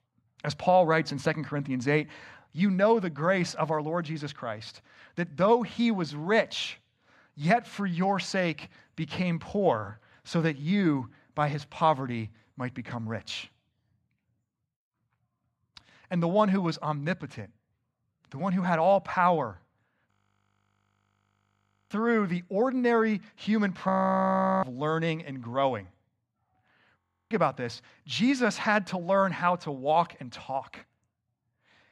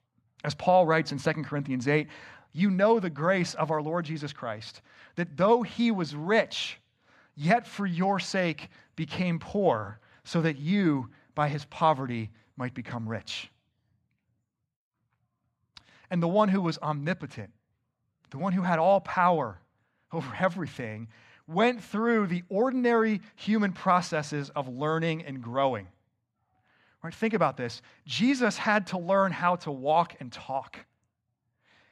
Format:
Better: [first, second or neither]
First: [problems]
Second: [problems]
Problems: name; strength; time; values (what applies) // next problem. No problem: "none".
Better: second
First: audio freezing; at 20 s for 2 s, at 24 s for 0.5 s and at 27 s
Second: none